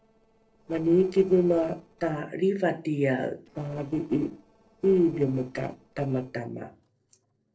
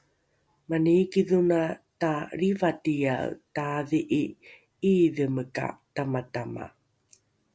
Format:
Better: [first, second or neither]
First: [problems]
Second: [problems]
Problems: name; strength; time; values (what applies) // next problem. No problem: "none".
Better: second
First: noise reduction (neural separator model SepFormer DNS4)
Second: none